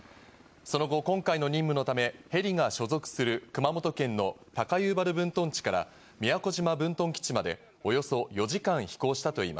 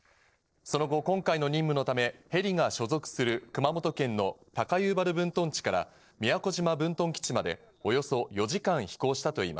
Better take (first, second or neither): first